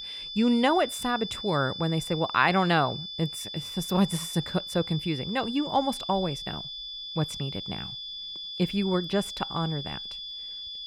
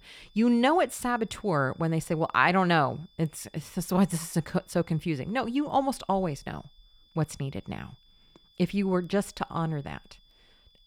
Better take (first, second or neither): second